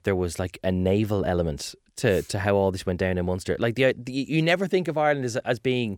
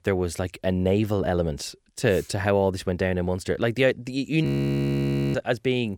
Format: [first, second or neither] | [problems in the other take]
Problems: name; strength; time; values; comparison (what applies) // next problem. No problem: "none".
first | audio freezing; at 4.5 s for 1 s